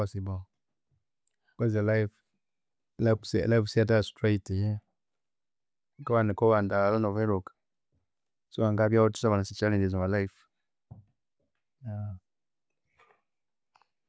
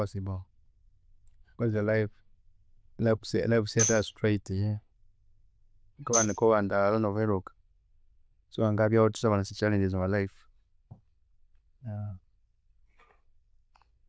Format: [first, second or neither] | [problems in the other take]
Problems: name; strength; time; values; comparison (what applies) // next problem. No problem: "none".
first | noise reduction (neural diffusion model UNIVERSE++)